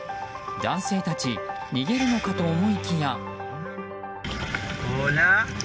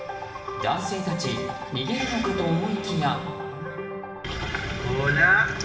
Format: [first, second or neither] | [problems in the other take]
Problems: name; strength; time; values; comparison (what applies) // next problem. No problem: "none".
first | room echo; dies away in 1.2 s